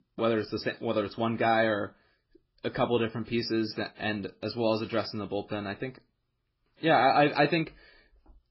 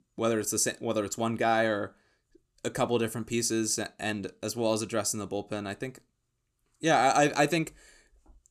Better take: second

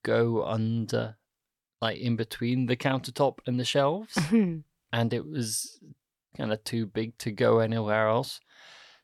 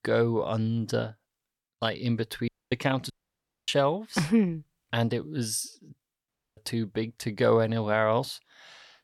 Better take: first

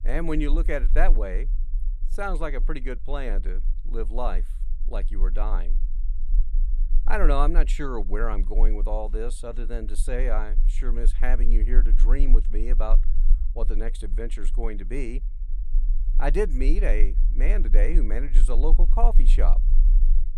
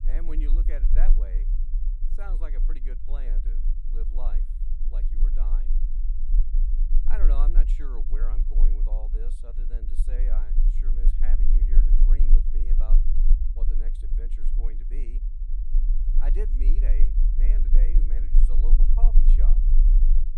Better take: first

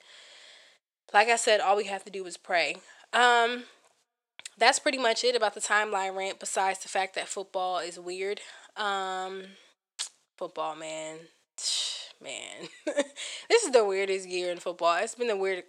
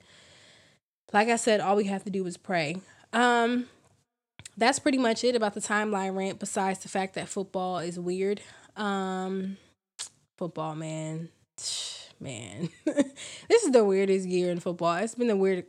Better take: second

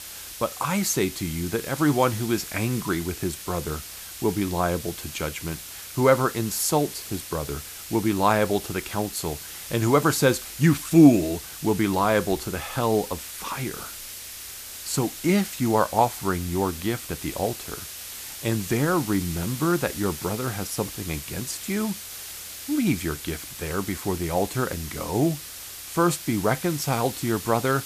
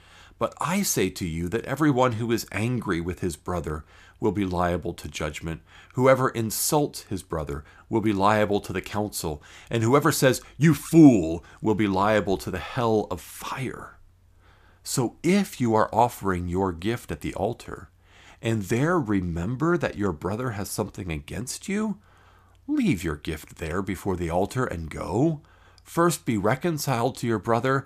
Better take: second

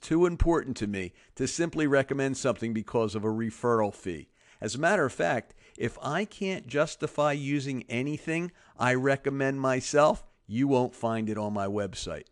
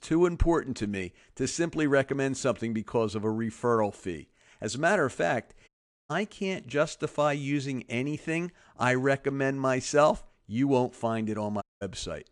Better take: first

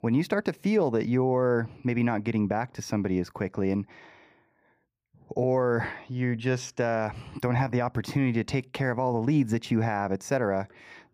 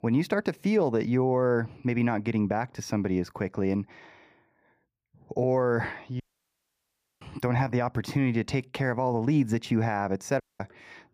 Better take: first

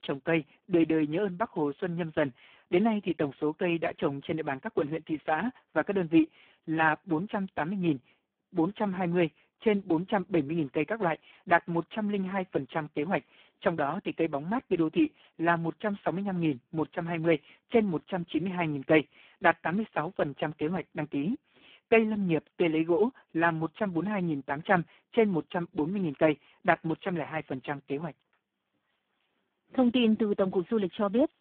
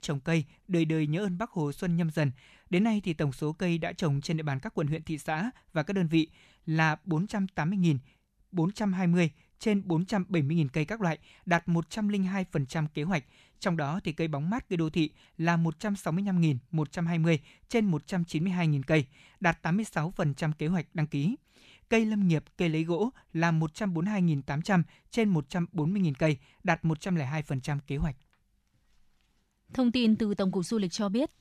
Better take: second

